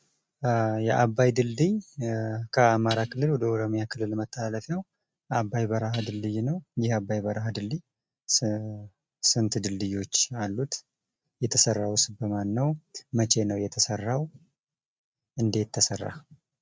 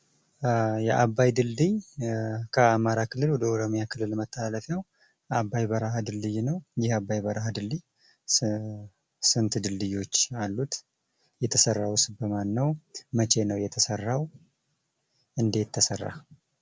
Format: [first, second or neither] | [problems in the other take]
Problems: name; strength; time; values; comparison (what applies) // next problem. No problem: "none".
second | noise reduction (neural mask model RNNoise)